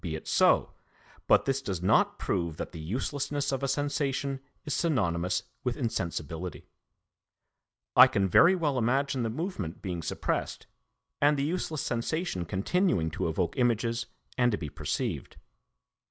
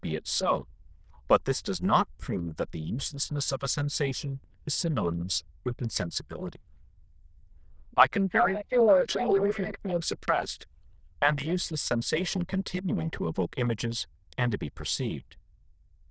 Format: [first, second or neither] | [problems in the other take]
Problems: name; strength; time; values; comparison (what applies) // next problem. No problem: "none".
first | noise reduction (neural diffusion model UNIVERSE++)